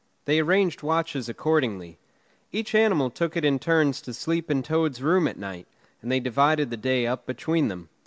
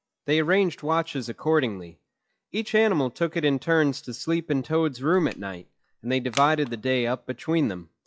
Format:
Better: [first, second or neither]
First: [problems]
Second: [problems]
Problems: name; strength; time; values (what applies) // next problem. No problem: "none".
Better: first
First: none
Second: noise reduction (classical method log-MMSE)